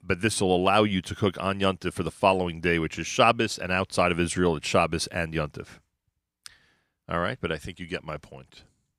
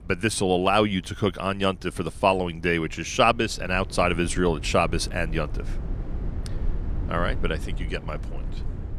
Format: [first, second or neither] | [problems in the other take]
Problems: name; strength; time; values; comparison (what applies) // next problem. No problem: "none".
first | low rumble; faint; throughout; 20 dB below the speech